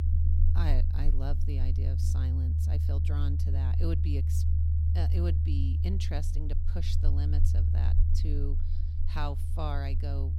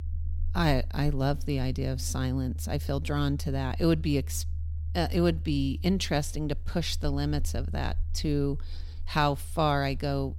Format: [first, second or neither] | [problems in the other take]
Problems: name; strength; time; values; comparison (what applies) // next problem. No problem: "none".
second | low rumble; loud; throughout; 3 dB below the speech; faint in the second